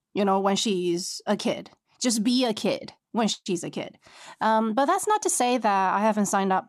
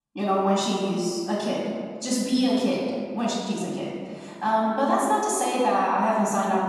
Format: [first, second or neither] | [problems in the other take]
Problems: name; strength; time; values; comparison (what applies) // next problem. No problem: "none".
first | off-mic speech; far // room echo; strong; dies away in 1.8 s